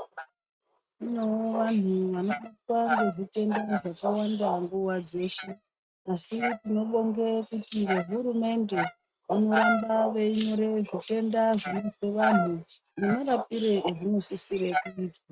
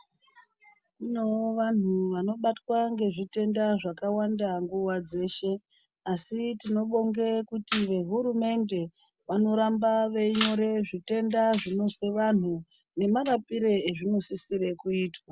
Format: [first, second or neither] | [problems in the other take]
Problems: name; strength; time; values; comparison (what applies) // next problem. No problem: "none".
second | noise reduction (neural mask model RNNoise)